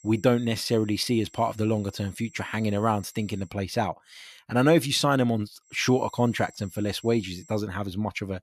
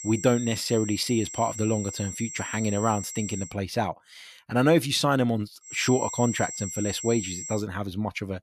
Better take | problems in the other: first | high-pitched whine; loud; until 3.5 s and from 5.5 to 7.5 s; 7.5 kHz, 9 dB below the speech; faint in the first

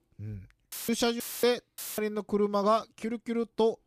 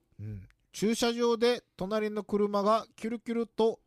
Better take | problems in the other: second | audio cutting out; filled with static; at 0.5 s, at 1 s and at 2 s

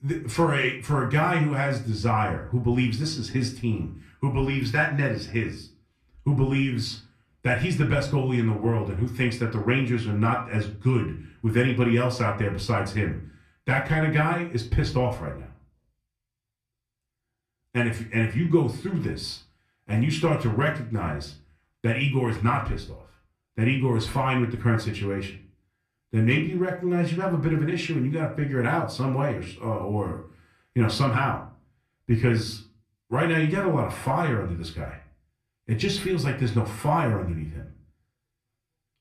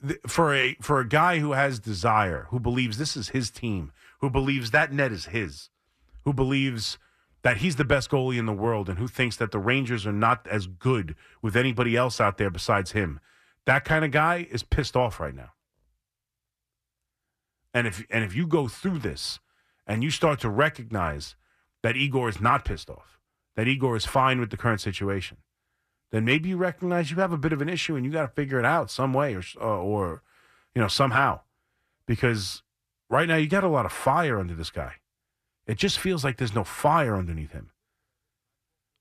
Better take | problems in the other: second | off-mic speech; somewhat distant // room echo; very slight; dies away in 0.3 s

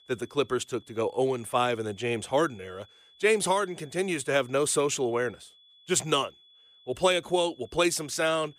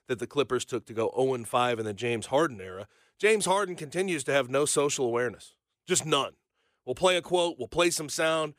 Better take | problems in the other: second | high-pitched whine; faint; throughout; 3.5 kHz, 30 dB below the speech

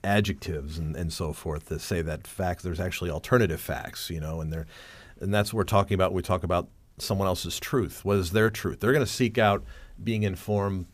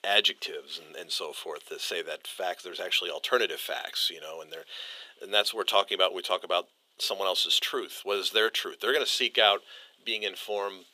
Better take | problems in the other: first | thin; very; fading below 400 Hz

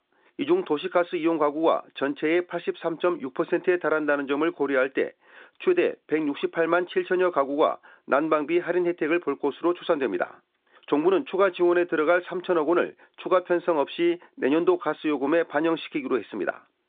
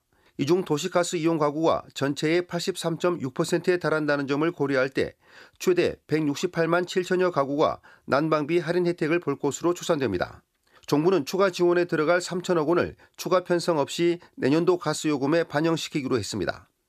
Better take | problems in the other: second | phone-call audio; nothing above 3.5 kHz

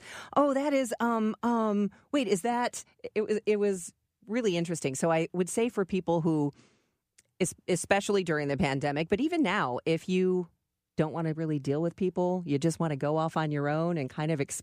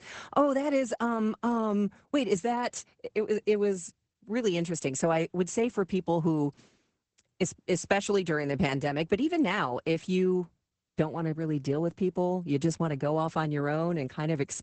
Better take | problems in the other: first | garbled, watery; badly; nothing above 8 kHz

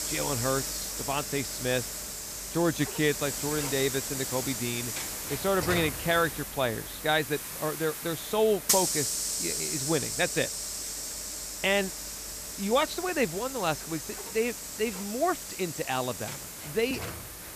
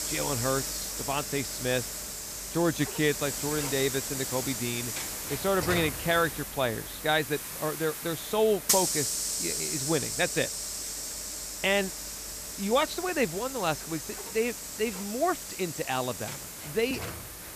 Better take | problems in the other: neither | hiss; loud; throughout; 3 dB below the speech; the same in both

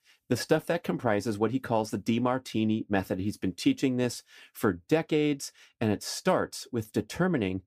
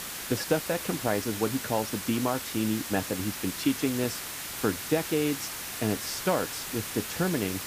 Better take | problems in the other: first | hiss; loud; throughout; 4 dB below the speech

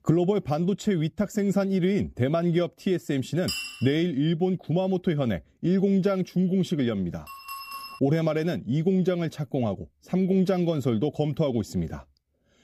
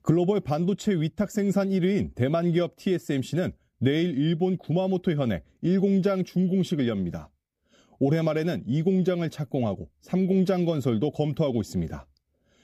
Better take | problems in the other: second | clattering dishes; noticeable; at 3.5 s; peak 5 dB below the speech // clattering dishes; faint; at 7.5 s; peak 10 dB below the speech

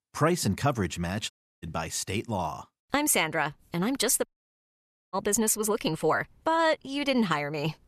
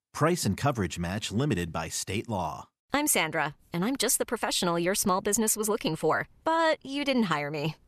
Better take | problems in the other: second | audio cutting out; at 1.5 s and at 4.5 s for 1 s

